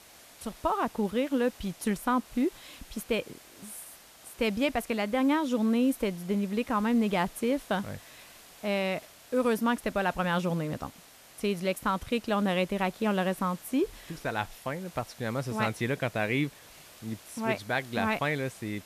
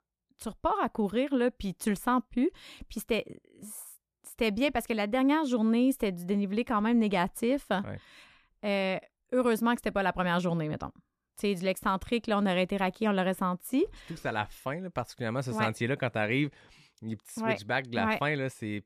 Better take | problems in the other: second | hiss; faint; throughout; 20 dB below the speech

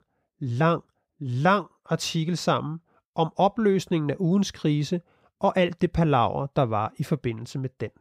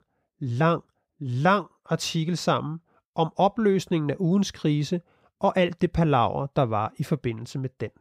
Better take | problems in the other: neither | none

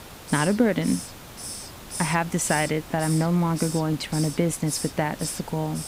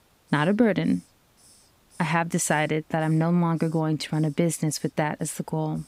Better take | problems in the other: second | hiss; loud; throughout; 9 dB below the speech; faint in the second

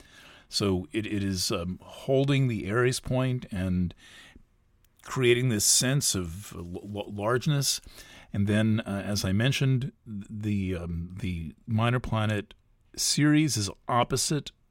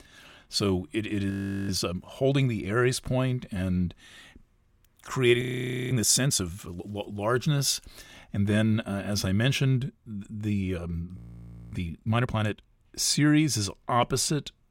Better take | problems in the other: first | audio freezing; at 1.5 s, at 5.5 s for 0.5 s and at 11 s for 0.5 s

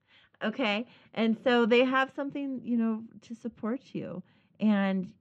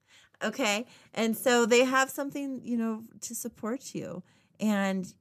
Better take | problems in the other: second | muffled; very; fading above 3.5 kHz

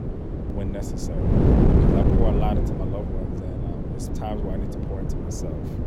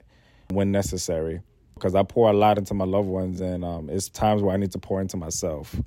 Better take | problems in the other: second | wind noise on the microphone; heavy; 4 dB above the speech

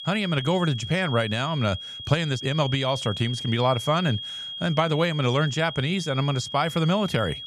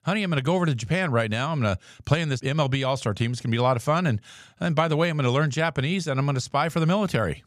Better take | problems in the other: second | high-pitched whine; loud; throughout; 3.5 kHz, 9 dB below the speech

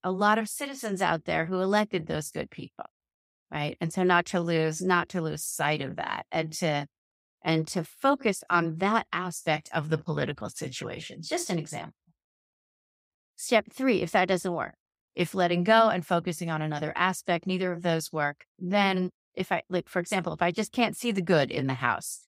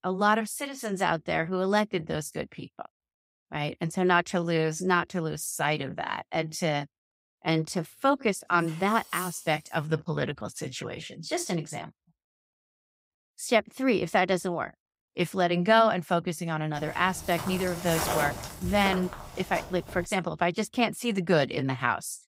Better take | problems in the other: first | clattering dishes; noticeable; from 8.5 to 9.5 s; peak 10 dB below the speech // footsteps; noticeable; from 17 to 20 s; peak 1 dB below the speech

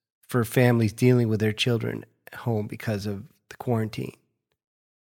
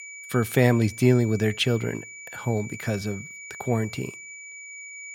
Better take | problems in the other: first | high-pitched whine; noticeable; throughout; 2.5 kHz, 15 dB below the speech

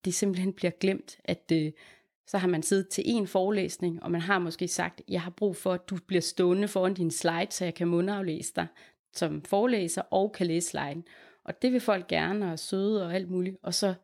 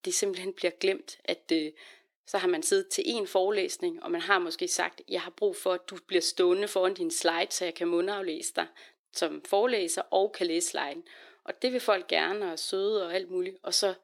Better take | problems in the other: first | thin; very; fading below 350 Hz

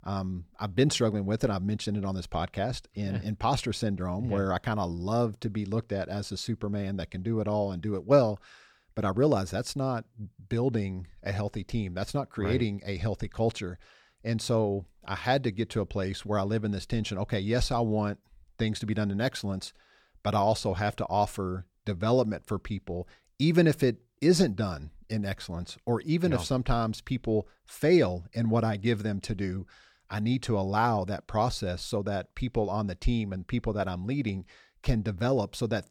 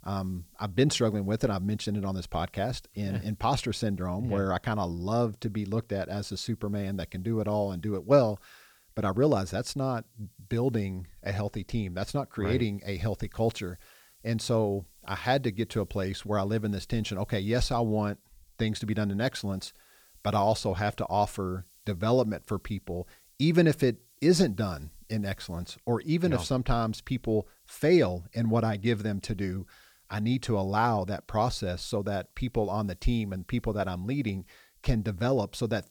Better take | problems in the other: first | hiss; faint; throughout; 30 dB below the speech

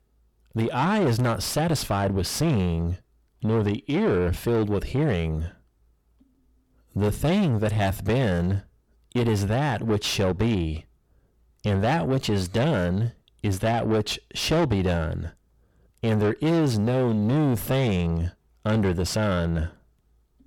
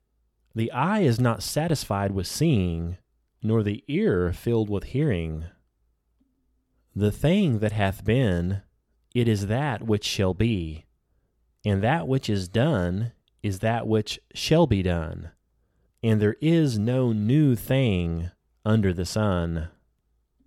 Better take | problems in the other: second | distortion; heavy; 6 dB below the speech

